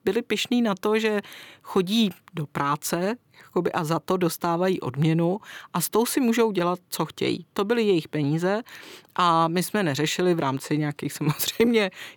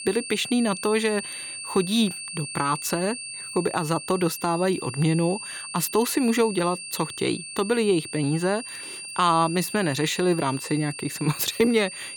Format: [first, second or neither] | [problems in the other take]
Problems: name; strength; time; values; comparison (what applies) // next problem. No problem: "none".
first | high-pitched whine; loud; throughout; 2.5 kHz, 9 dB below the speech